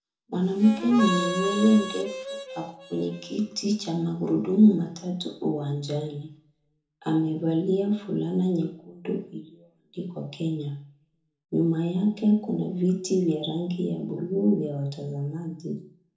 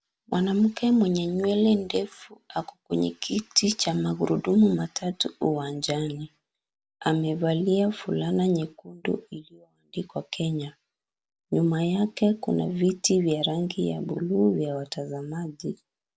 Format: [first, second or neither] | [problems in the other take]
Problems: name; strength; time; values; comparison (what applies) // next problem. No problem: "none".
second | background sound (Harmonica); 7 dB below the speech // room echo; dies away in 0.6 s